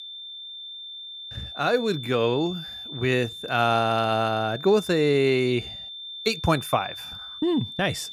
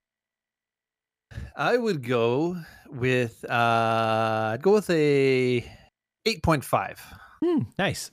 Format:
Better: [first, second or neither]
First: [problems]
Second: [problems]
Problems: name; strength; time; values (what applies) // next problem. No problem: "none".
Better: second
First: high-pitched whine; noticeable; throughout; 3.5 kHz, 10 dB below the speech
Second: none